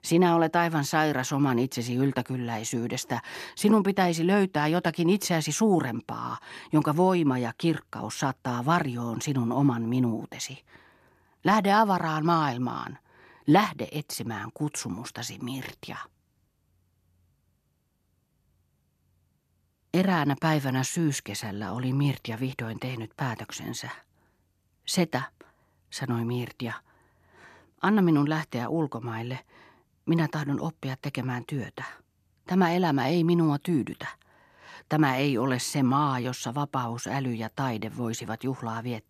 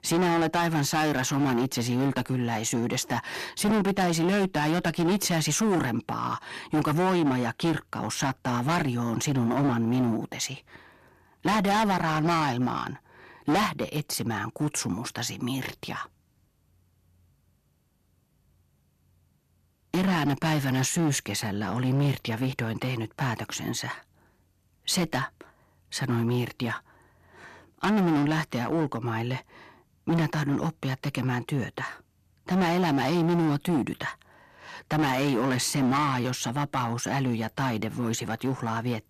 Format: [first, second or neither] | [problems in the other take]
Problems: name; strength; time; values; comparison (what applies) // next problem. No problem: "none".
first | distortion; heavy; 12% of the sound clipped